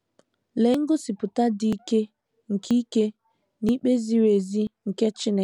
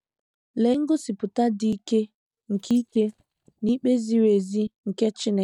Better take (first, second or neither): first